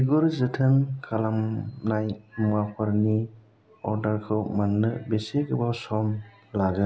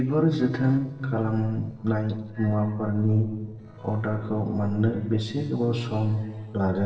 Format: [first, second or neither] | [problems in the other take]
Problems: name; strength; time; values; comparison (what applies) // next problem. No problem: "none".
first | noise reduction (neural separator model SepFormer DNS4)